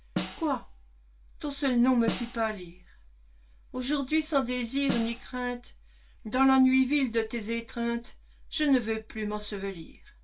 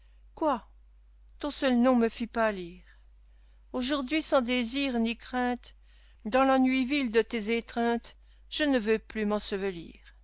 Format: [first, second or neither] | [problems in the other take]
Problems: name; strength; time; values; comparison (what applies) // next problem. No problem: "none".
second | background sound (Snare drum); 10 dB below the speech // room echo; dies away in 0.2 s